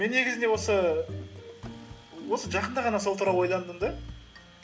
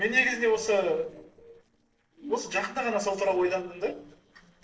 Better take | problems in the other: first | noise reduction (neural separator model SepFormer DNS4)

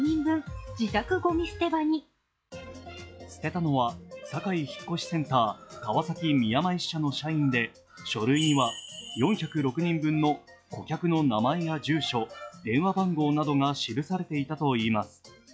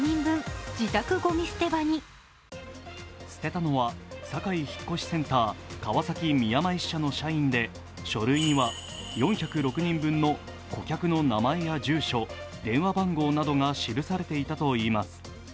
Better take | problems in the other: second | noise reduction (classical method log-MMSE)

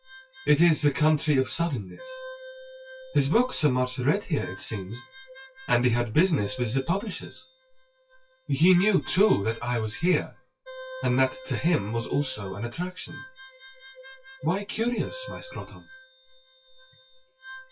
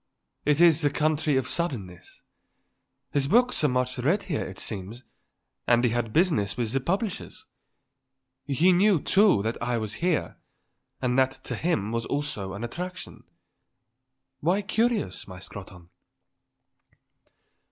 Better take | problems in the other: second | noise reduction (classical method WPE with log-MMSE)

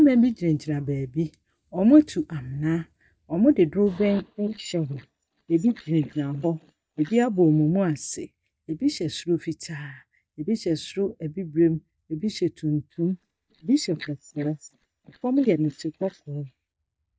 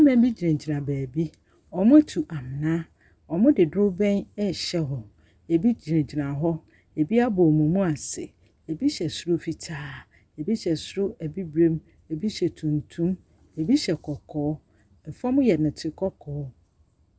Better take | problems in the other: second | noise reduction (neural mask model DeepFilterNet 3)

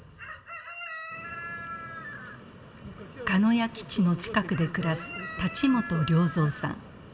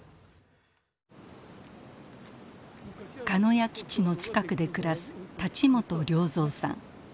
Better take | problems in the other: second | background sound (Chicken, rooster); 11 dB below the speech // room echo; dies away in 0.7 s

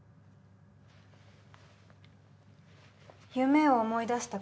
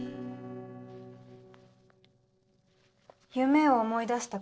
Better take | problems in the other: first | noise reduction (neural separator model SepFormer DNS4)

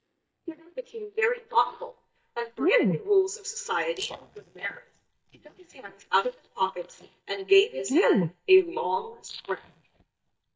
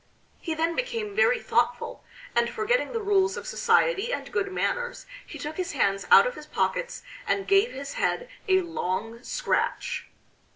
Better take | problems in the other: second | noise reduction (neural mask model DeepFilterNet 3)

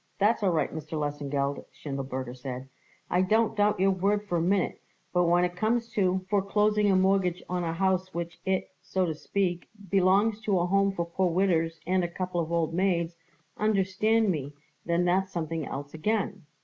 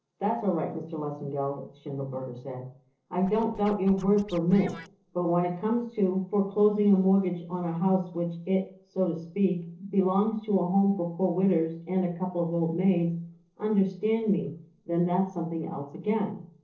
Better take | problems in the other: first | noise reduction (neural separator model SepFormer DNS4)

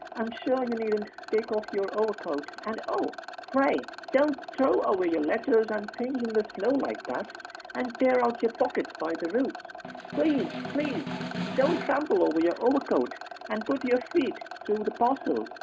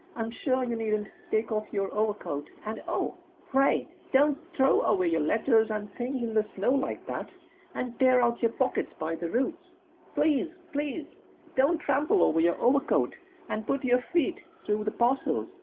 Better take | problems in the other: second | background sound (Snare drum + Rattle); 12 dB below the speech

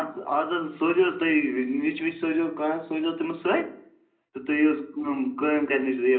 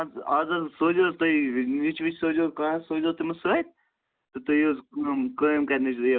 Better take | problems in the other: second | room echo; dies away in 0.5 s

